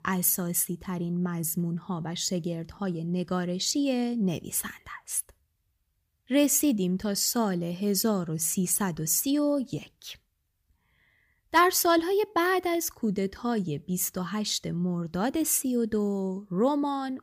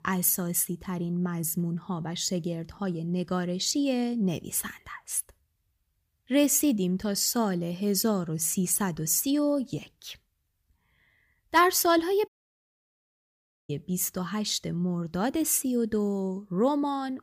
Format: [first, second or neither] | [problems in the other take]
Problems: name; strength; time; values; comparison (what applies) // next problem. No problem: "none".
first | audio cutting out; at 12 s for 1.5 s